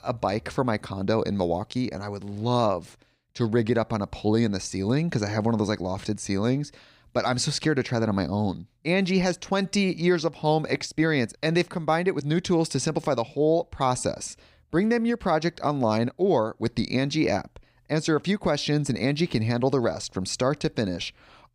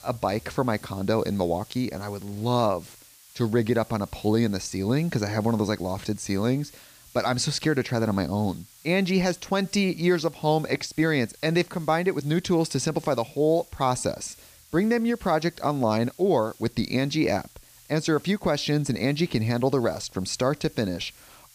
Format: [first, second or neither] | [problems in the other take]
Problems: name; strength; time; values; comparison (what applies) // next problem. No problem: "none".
first | hiss; faint; throughout; 25 dB below the speech